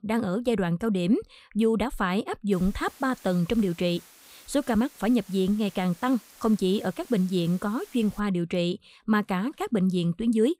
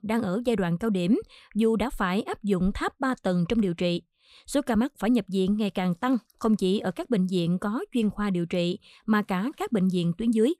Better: second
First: hiss; faint; from 2.5 to 8 s; 25 dB below the speech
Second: none

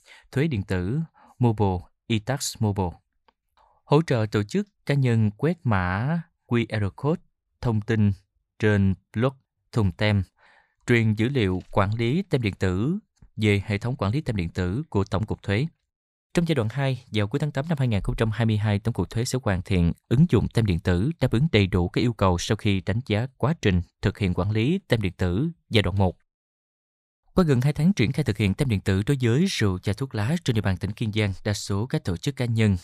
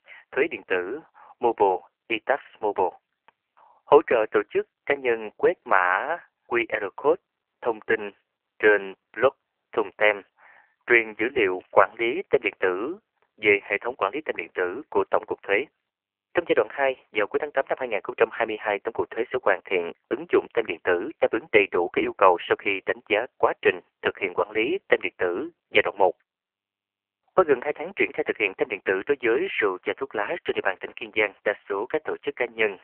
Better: first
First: none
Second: phone-call audio; poor line; nothing above 3 kHz

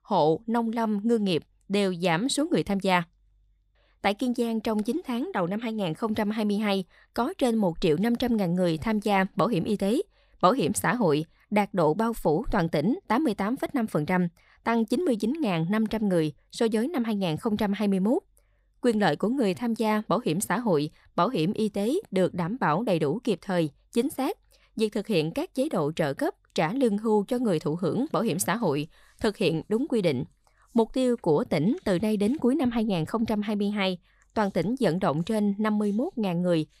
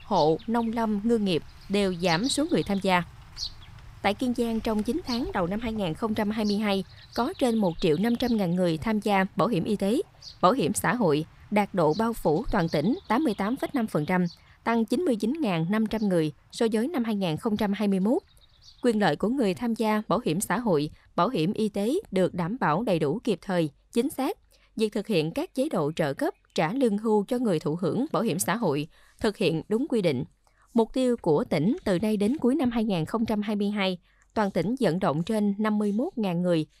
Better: first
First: none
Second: animal sounds; noticeable; throughout; 20 dB below the speech

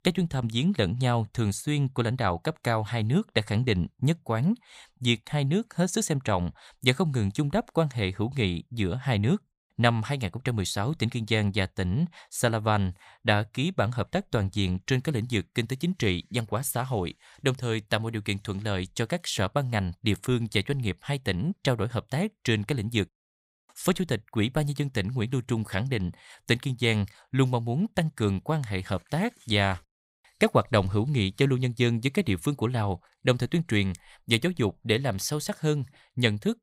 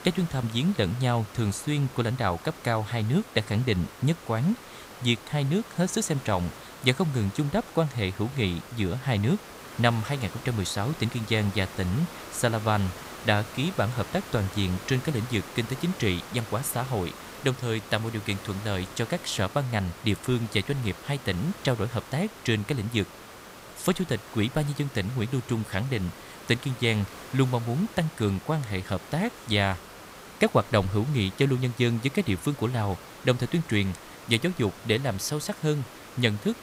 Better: first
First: none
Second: hiss; noticeable; throughout; 15 dB below the speech

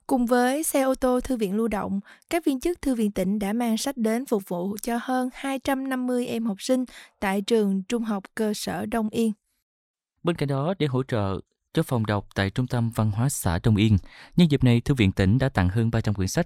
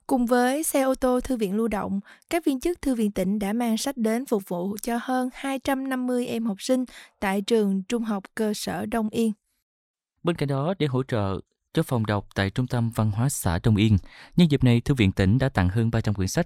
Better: neither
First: none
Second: none

